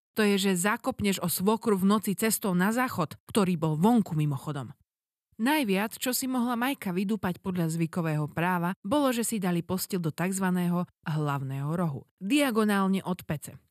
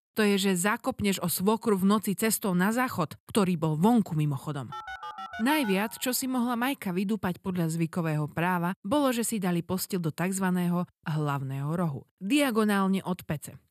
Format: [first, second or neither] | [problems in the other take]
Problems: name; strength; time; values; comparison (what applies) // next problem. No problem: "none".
first | phone ringing; faint; from 4.5 to 6 s; peak 10 dB below the speech